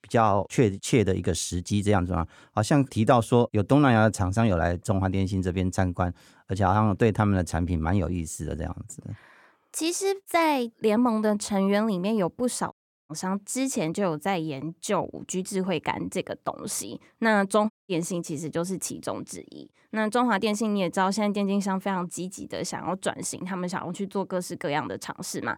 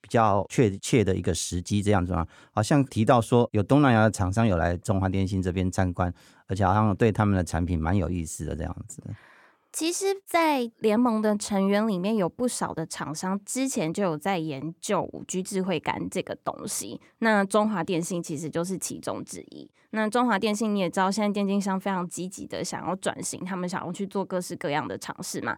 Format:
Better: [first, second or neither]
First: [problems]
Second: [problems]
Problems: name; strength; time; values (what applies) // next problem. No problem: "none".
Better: second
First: audio cutting out; at 13 s and at 18 s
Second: none